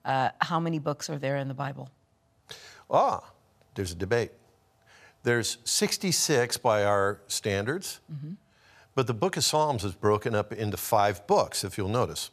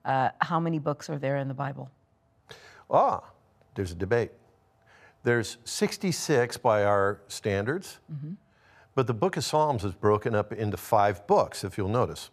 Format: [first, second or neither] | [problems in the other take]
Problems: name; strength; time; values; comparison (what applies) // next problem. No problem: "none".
first | muffled; slightly; fading above 2.5 kHz